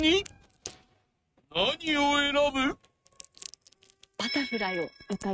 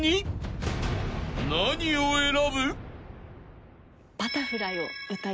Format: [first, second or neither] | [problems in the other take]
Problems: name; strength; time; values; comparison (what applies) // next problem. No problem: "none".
second | noise reduction (neural mask model RNNoise)